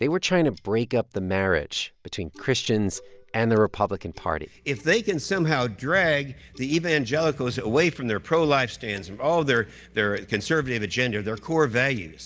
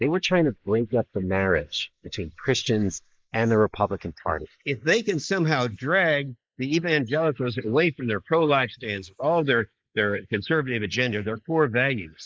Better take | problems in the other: first | noise reduction (neural mask model Resemble Enhance denoiser)

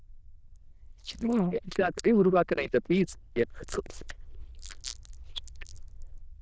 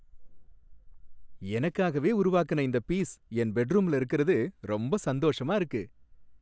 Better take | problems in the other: second | noise reduction (neural diffusion model UNIVERSE++)

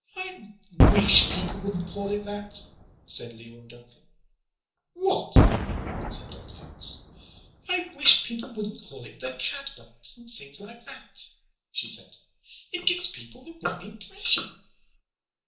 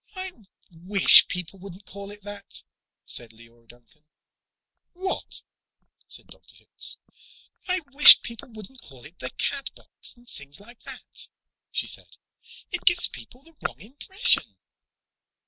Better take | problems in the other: second | background sound (Boom); 5 dB above the speech // room echo; dies away in 0.8 s

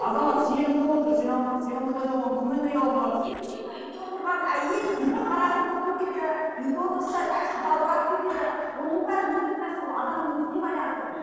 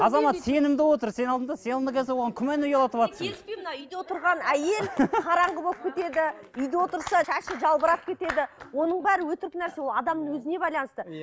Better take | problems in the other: second | noise reduction (neural separator model SepFormer DNS4)

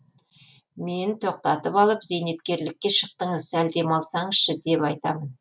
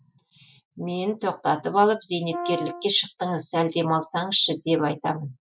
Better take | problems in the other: first | noise reduction (classical method Wiener filter)

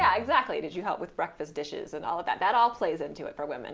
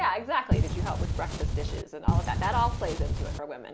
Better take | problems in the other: first | background sound (Wind); 4 dB above the speech

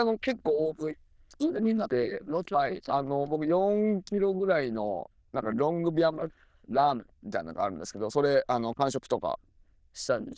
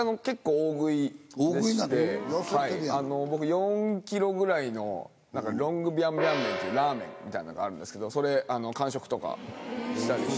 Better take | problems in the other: second | noise reduction (neural diffusion model UNIVERSE++)

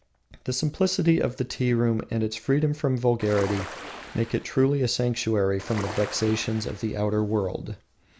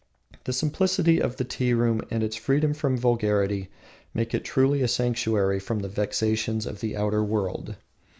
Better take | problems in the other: second | background sound (Ocean); 13 dB below the speech

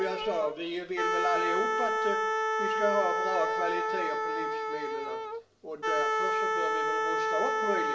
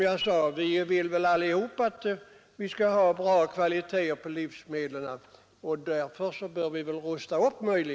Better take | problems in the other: second | background sound (Wind instrument, woodwind instrument); 4 dB above the speech // room echo; dies away in 0.7 s

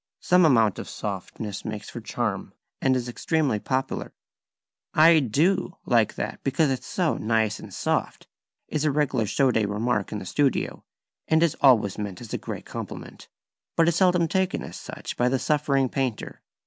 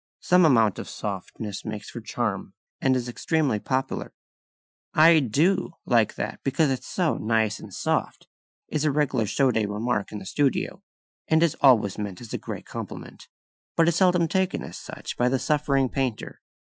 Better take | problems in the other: first | noise reduction (classical method Wiener filter)

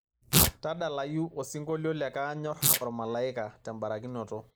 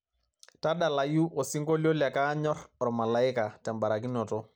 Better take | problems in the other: second | noise reduction (neural mask model Resemble Enhance denoiser)

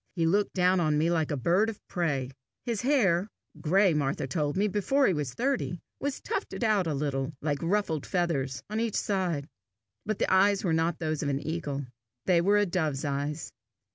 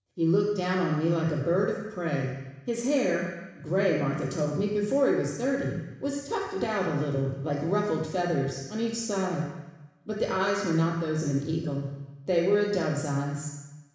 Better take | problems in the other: first | room echo; dies away in 1 s

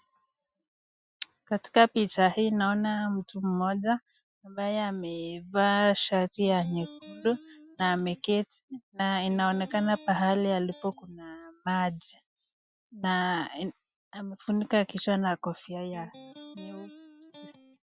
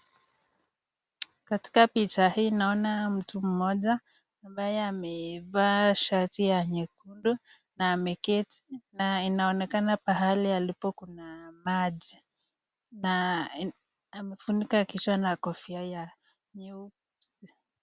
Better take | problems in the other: second | noise reduction (classical method Wiener filter)

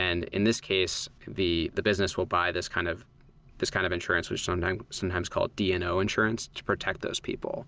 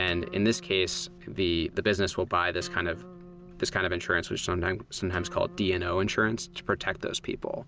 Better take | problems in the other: first | background sound (Acoustic guitar); 19 dB below the speech

